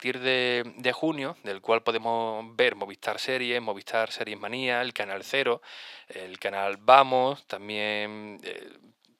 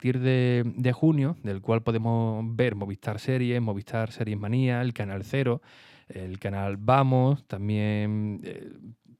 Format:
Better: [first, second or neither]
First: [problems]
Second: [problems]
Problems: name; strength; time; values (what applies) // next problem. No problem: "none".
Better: second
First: thin; very; fading below 650 Hz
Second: none